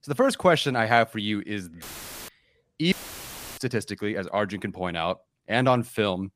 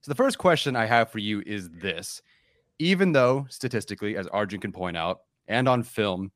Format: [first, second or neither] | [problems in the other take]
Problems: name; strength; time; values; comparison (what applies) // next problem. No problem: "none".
second | audio cutting out; filled with static; at 2 s and at 3 s for 0.5 s